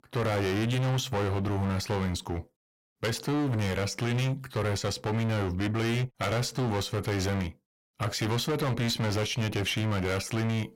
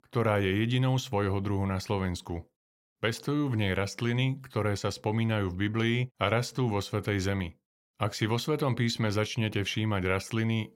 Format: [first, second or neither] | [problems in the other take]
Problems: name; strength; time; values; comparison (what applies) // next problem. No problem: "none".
second | distortion; heavy; 26% of the sound clipped